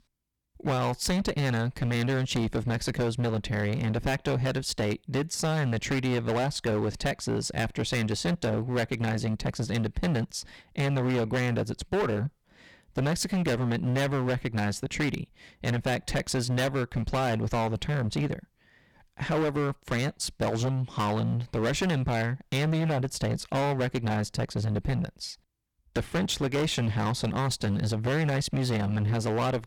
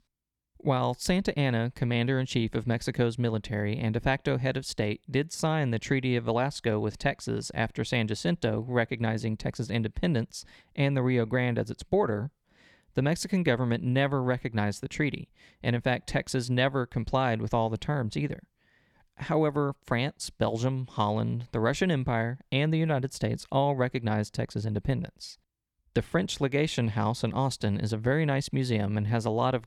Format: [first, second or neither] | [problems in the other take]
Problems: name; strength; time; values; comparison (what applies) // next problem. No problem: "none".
second | distortion; heavy; 19% of the sound clipped